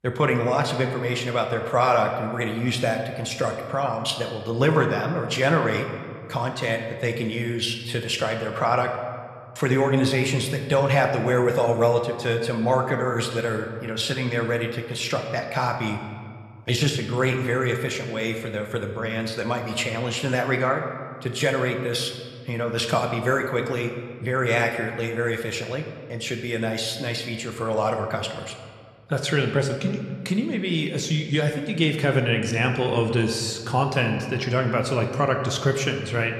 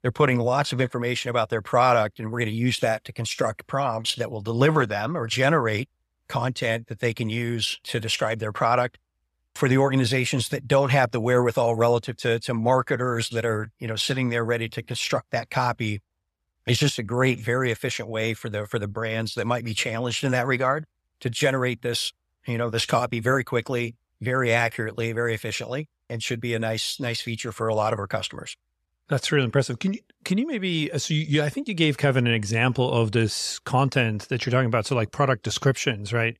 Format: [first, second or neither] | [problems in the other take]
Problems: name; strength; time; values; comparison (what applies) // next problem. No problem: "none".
second | room echo; slight; dies away in 1.4 s